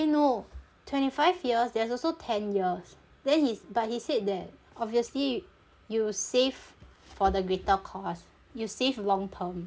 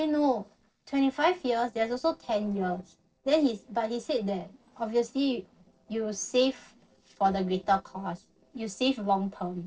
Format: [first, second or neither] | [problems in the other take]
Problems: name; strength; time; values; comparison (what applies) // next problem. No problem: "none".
first | noise reduction (neural separator model SepFormer DNS4)